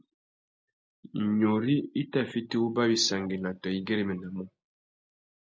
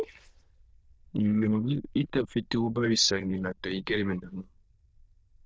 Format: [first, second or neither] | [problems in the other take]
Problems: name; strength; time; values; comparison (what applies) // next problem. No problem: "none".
first | noise reduction (neural diffusion model UNIVERSE++)